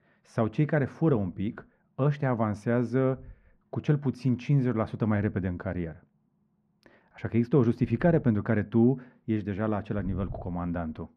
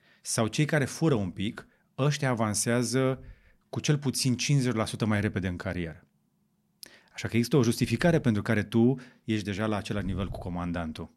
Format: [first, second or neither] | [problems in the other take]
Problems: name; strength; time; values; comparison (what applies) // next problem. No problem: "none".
second | muffled; very; fading above 3.5 kHz